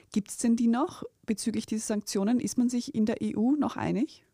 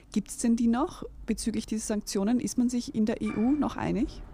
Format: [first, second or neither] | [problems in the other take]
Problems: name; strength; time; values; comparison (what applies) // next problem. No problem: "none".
first | animal sounds; faint; throughout; 20 dB below the speech